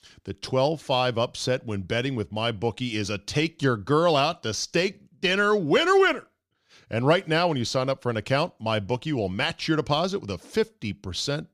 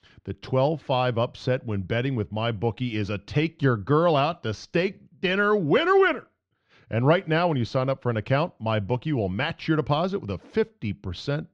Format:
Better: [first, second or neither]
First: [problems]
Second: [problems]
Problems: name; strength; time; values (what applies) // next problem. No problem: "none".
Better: first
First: none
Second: muffled; slightly; fading above 2.5 kHz